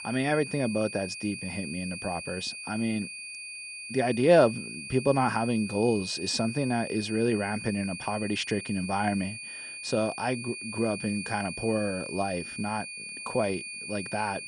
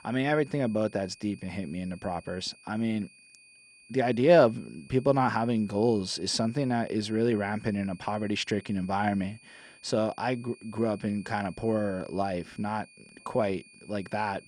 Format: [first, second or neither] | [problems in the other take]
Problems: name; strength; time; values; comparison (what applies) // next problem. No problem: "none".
second | high-pitched whine; loud; throughout; 2.5 kHz, 8 dB below the speech; faint in the second